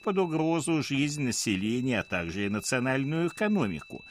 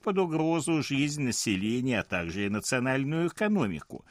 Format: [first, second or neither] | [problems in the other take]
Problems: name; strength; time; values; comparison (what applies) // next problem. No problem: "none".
second | high-pitched whine; faint; throughout; 2.5 kHz, 20 dB below the speech